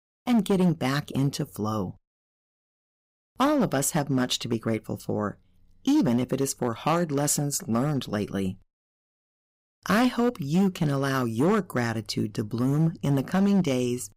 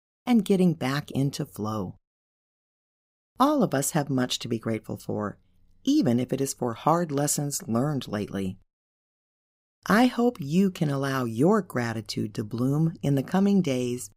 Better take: second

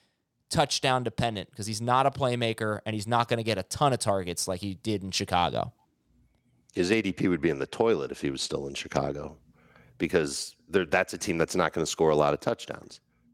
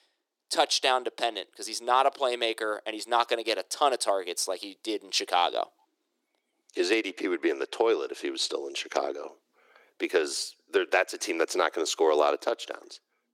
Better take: first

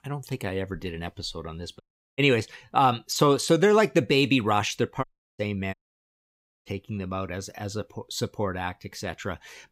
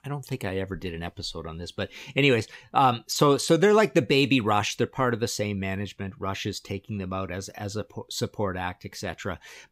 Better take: second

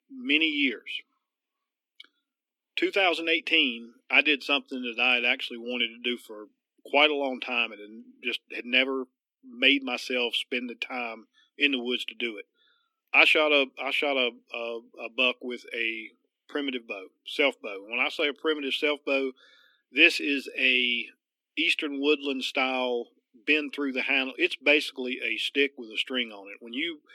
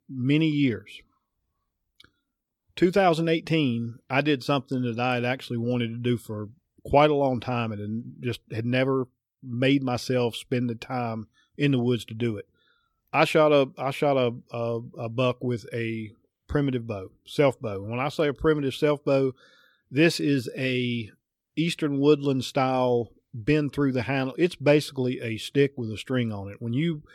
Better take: second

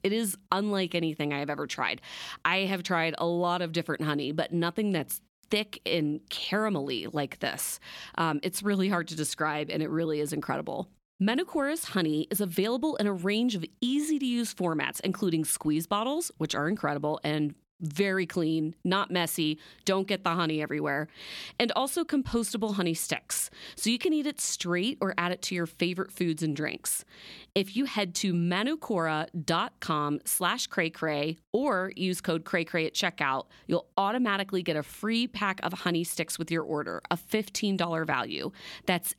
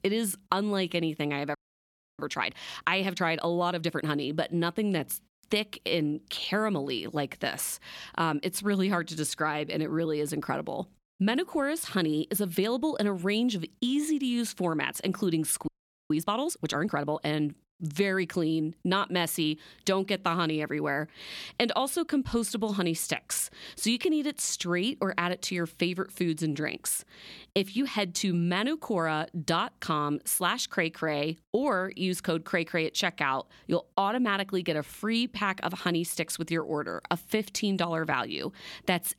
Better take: first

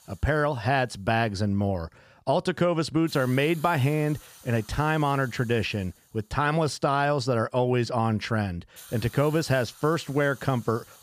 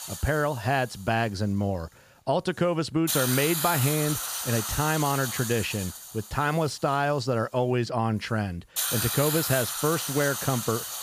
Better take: first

